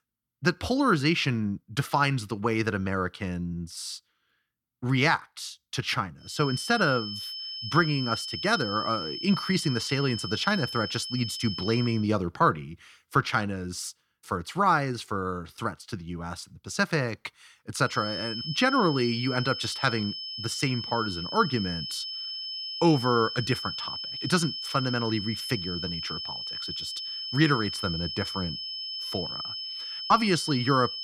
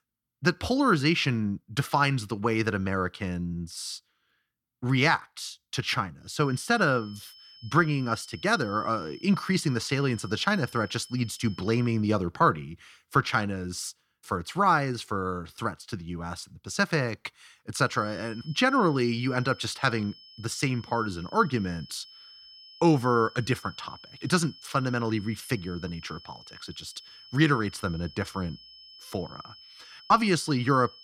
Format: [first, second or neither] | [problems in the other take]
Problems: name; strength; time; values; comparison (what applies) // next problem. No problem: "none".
second | high-pitched whine; loud; from 6.5 to 12 s and from 18 s on; 5 kHz, 5 dB below the speech; faint in the second